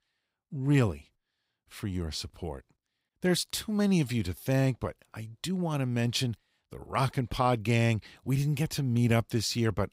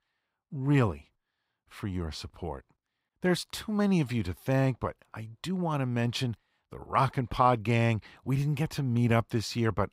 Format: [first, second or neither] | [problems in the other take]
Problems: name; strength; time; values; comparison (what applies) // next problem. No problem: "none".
first | muffled; slightly; fading above 3.5 kHz